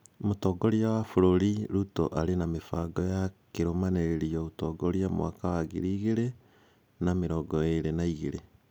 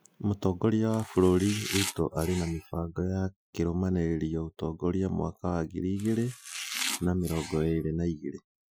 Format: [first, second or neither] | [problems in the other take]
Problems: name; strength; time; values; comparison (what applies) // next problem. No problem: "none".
first | noise reduction (classical method Wiener filter)